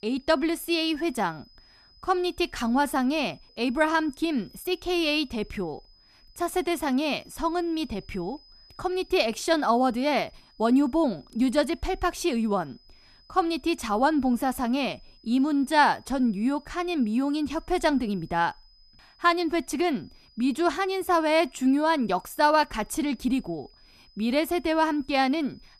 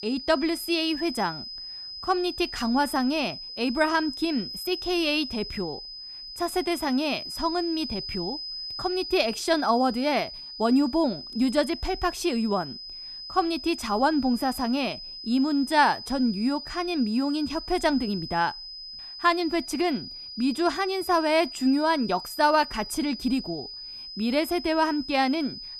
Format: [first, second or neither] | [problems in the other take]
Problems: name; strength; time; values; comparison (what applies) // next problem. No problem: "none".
first | high-pitched whine; loud; throughout; 5 kHz, 10 dB below the speech; faint in the first